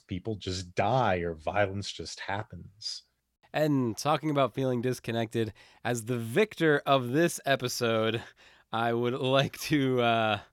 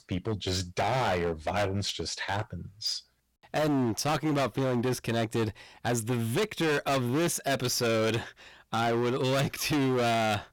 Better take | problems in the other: first | distortion; heavy; 22% of the sound clipped

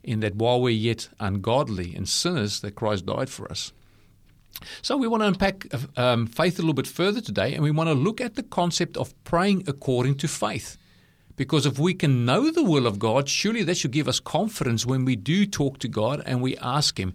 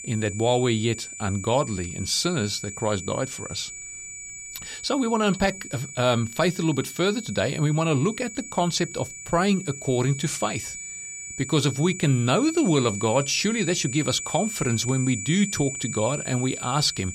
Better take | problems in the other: first | high-pitched whine; loud; throughout; 7 kHz, 9 dB below the speech

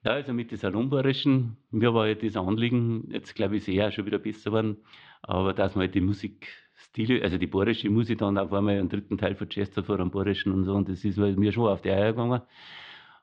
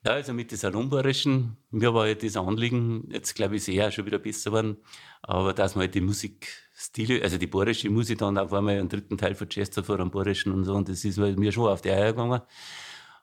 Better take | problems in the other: second | muffled; slightly; fading above 3.5 kHz

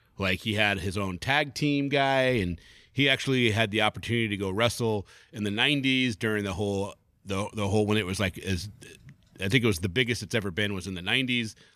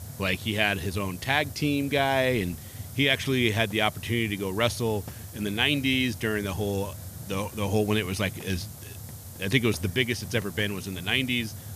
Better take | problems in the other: first | hiss; noticeable; throughout; 15 dB below the speech

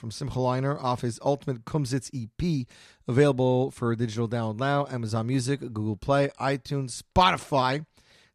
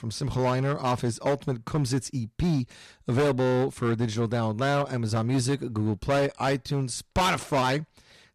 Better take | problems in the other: first | distortion; heavy; 11% of the sound clipped

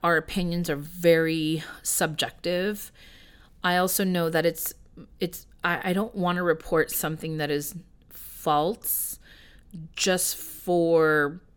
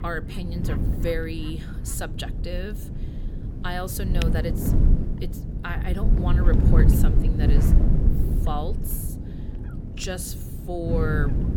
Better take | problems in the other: first | wind noise on the microphone; heavy; 4 dB below the speech

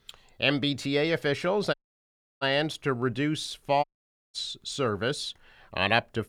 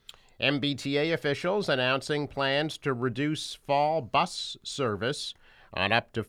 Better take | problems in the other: second | audio cutting out; at 1.5 s for 0.5 s and at 4 s for 0.5 s

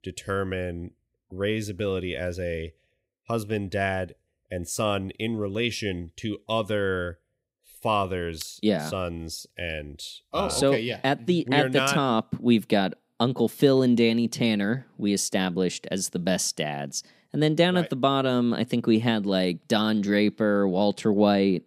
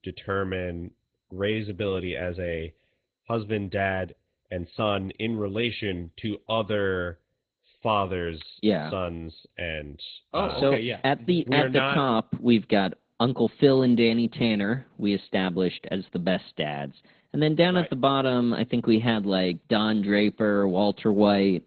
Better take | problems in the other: first | garbled, watery; badly; nothing above 4 kHz

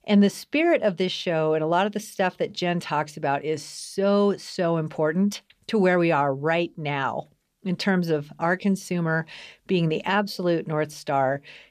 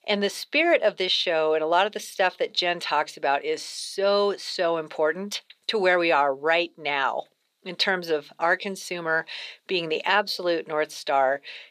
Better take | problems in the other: first | thin; very; fading below 500 Hz

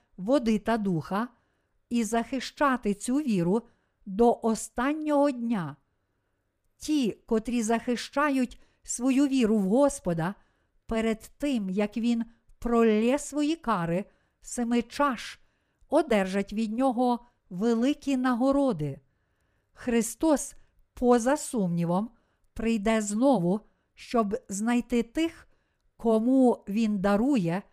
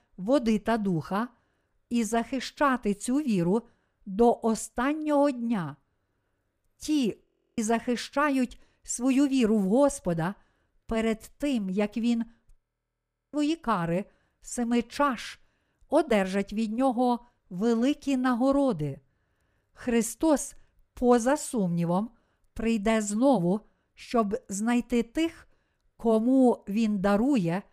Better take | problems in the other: first | audio freezing; at 7.5 s and at 13 s for 1 s

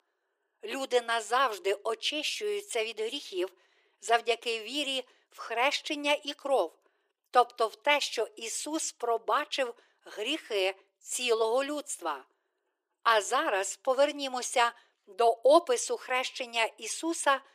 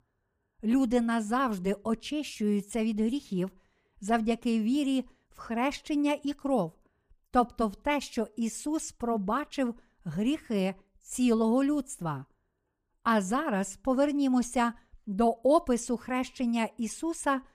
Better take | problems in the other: second | thin; very; fading below 350 Hz

